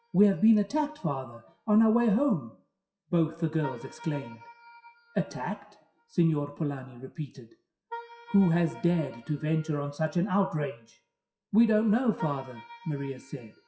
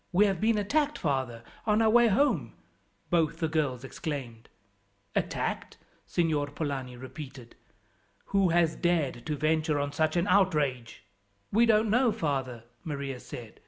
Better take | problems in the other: second | noise reduction (classical method WPE with log-MMSE)

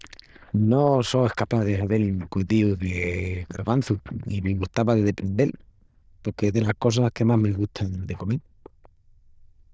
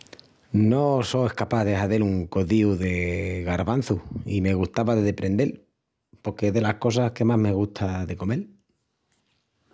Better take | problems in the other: second | noise reduction (neural diffusion model UNIVERSE++)

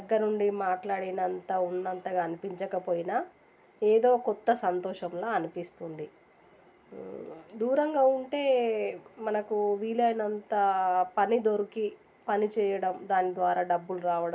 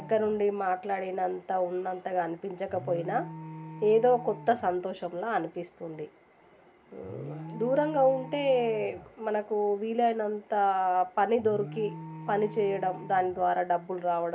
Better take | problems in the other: first | background sound (Alarm); 17 dB below the speech

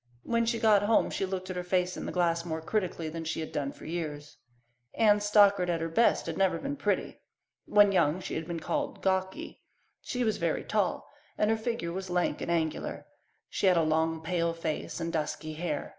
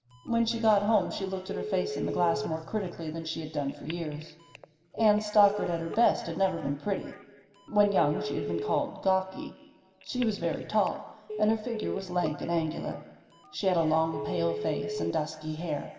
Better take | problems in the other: first | background sound (Telephone); 10 dB below the speech // room echo; dies away in 2 s

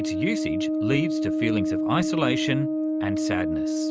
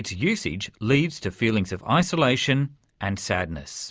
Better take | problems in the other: second | background sound (Brass instrument); 3 dB above the speech

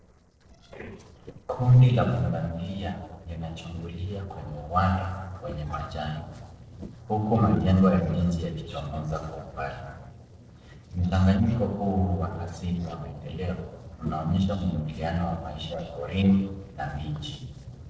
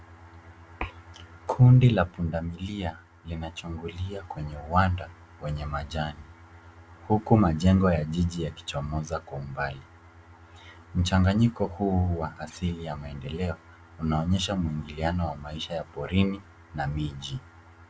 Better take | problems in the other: second | noise reduction (neural separator model SepFormer DNS4)

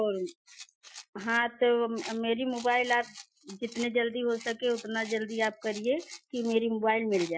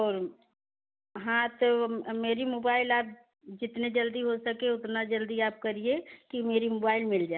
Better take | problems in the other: second | noise reduction (classical method Wiener filter)

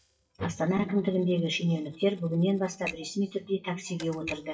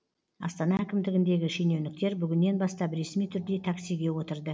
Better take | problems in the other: second | noise reduction (classical method WPE with log-MMSE)

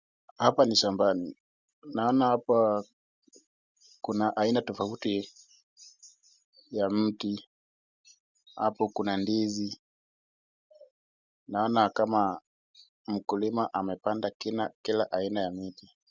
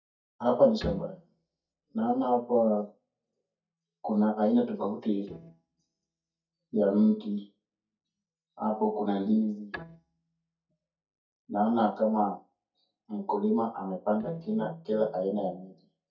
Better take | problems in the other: first | noise reduction (neural mask model DeepFilterNet 3)

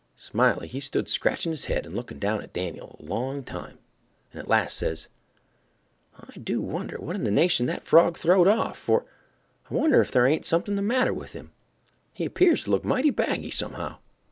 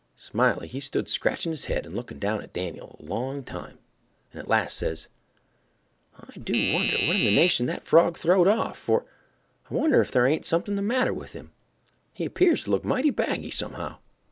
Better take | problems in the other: first | background sound (Doorbell); 1 dB below the speech

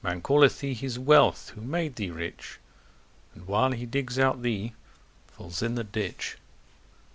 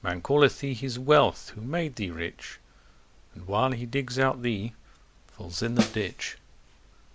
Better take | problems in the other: first | background sound (Snare drum); 1 dB above the speech

